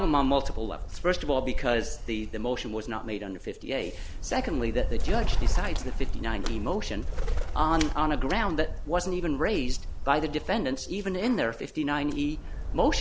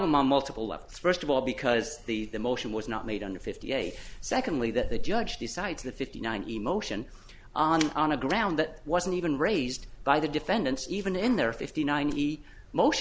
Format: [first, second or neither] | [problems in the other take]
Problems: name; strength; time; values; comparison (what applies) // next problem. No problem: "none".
second | background sound (Bird); 1 dB below the speech